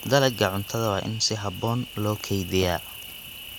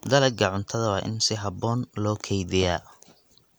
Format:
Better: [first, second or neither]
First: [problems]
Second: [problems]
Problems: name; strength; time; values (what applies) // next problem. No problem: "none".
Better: second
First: background sound (Cricket); 14 dB below the speech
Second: none